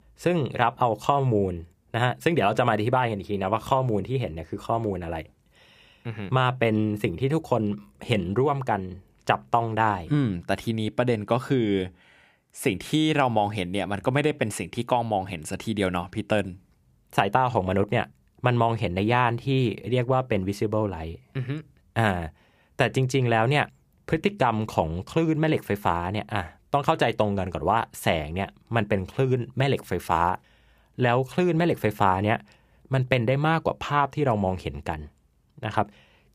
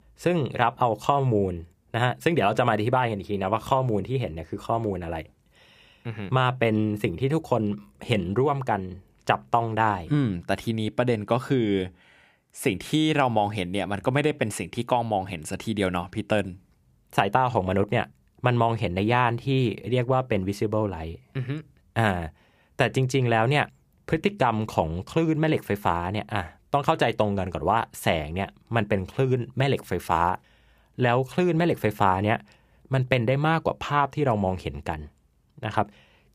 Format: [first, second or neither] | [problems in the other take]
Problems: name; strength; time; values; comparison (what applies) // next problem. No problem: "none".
neither | none